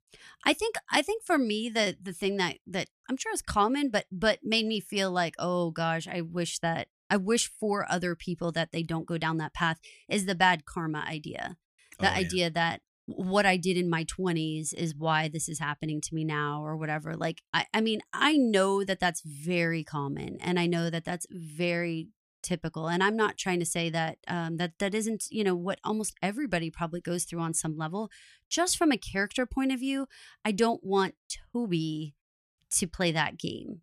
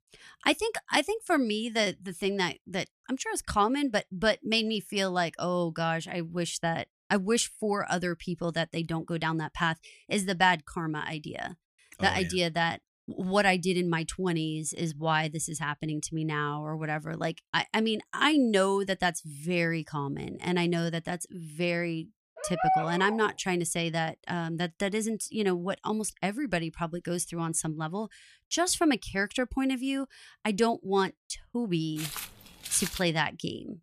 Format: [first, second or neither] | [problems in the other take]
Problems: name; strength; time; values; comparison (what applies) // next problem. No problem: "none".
first | dog barking; loud; at 22 s; peak 2 dB above the speech // footsteps; noticeable; from 32 to 33 s; peak 5 dB below the speech